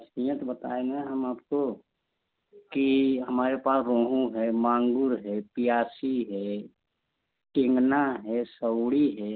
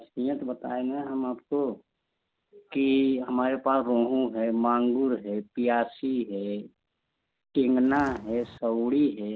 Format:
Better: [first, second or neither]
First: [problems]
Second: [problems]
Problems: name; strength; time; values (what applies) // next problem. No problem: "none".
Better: first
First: none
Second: background sound (Walk, footsteps); 17 dB below the speech